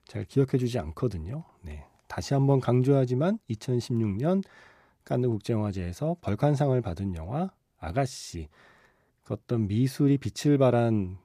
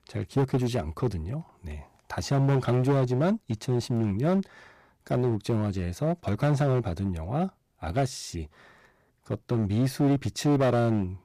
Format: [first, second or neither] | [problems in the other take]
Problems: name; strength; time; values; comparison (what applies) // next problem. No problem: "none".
first | distortion; slight; 8% of the sound clipped